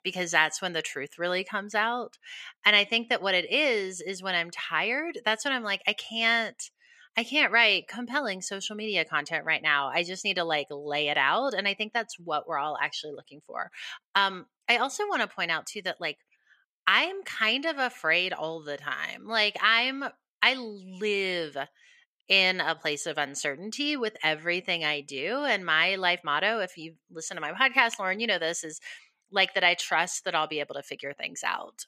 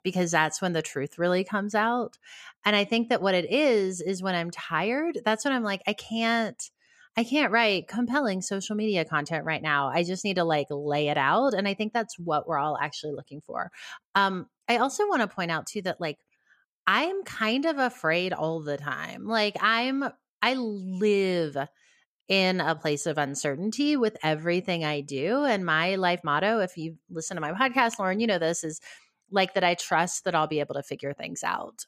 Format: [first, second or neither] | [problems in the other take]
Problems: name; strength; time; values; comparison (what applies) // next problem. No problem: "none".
second | thin; very slightly; fading below 950 Hz